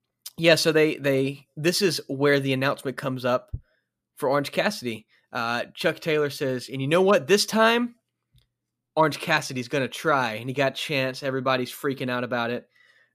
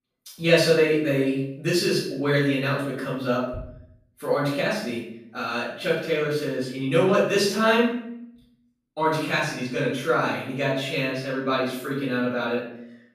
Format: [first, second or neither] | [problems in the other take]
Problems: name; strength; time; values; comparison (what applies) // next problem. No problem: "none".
first | off-mic speech; far // room echo; noticeable; dies away in 0.6 s